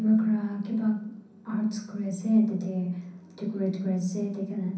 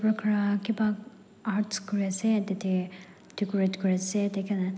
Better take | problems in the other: second | room echo; dies away in 0.6 s

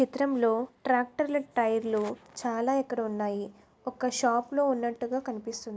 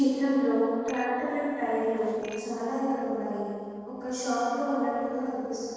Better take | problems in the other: first | noise reduction (neural separator model SepFormer DNS4)

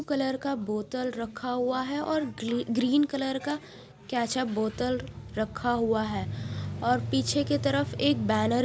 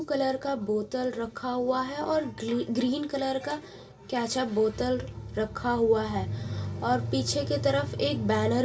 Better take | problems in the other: first | room echo; dies away in 0.2 s

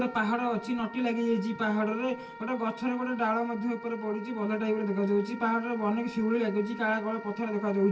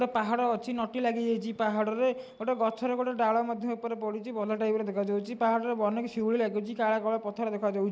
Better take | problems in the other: second | background sound (Wind instrument, woodwind instrument); 16 dB below the speech // room echo; dies away in 0.1 s

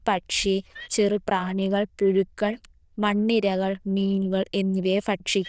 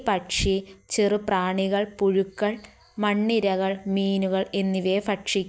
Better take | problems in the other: second | noise reduction (neural diffusion model UNIVERSE++)

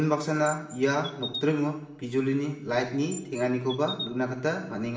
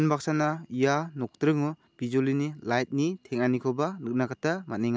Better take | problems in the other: second | background sound (Chirp, tweet); 13 dB below the speech // room echo; dies away in 0.8 s

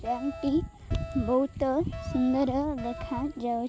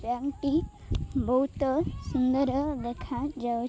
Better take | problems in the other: second | background sound (Alarm); 15 dB below the speech

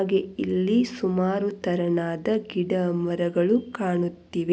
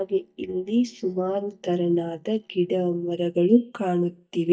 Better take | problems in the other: first | noise reduction (neural mask model DeepFilterNet 3)

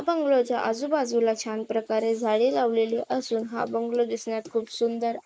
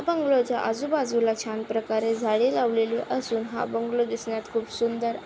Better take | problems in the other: second | noise reduction (neural mask model Resemble Enhance denoiser)

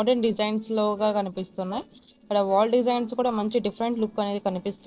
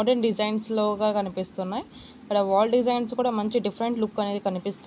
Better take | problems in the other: second | noise reduction (neural separator model SepFormer DNS4)

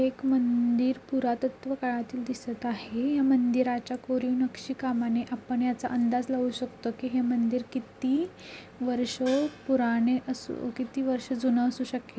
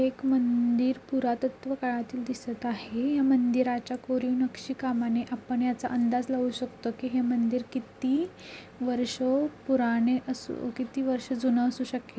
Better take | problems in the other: second | background sound (Gong); 18 dB below the speech

